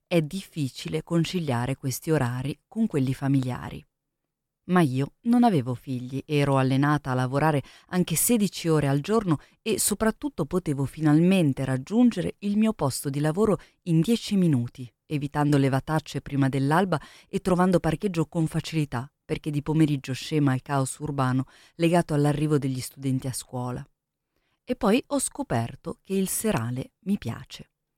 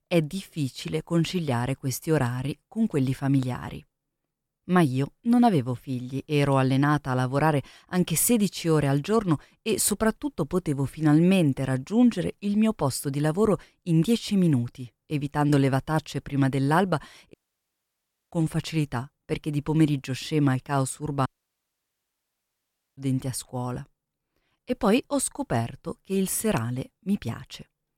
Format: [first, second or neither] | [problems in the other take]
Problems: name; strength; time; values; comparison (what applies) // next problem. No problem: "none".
first | audio cutting out; at 17 s for 1 s and at 21 s for 1.5 s